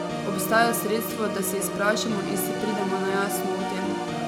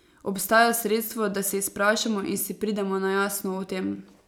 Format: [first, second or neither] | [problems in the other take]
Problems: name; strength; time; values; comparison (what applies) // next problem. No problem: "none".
second | background sound (Organ); 2 dB below the speech